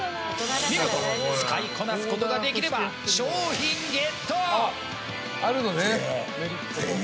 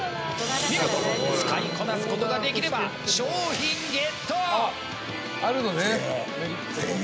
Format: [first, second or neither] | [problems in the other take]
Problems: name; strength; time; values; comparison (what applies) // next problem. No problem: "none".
first | background sound (Growling); 10 dB below the speech